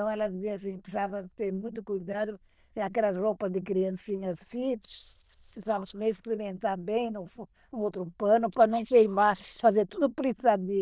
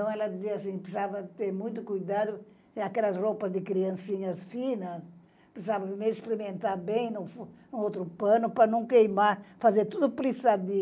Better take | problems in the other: second | noise reduction (neural diffusion model UNIVERSE++)

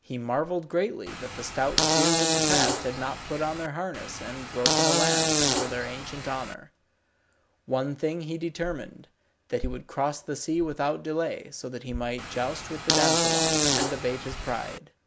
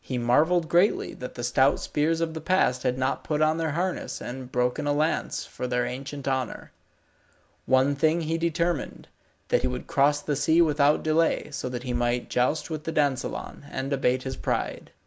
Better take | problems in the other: second | background sound (Fart); 4 dB above the speech

